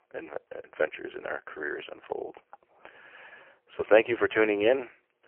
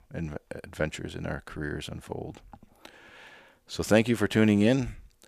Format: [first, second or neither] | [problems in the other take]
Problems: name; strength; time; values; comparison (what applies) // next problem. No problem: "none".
second | phone-call audio; poor line; nothing above 3 kHz